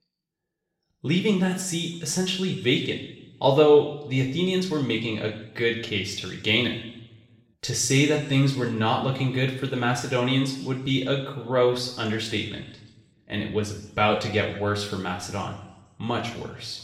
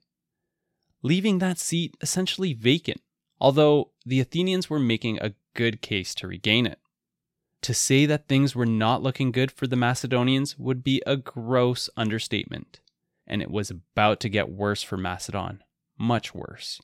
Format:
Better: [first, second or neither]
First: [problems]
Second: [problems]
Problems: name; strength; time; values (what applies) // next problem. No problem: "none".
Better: second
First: room echo; noticeable; dies away in 0.8 s // off-mic speech; somewhat distant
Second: none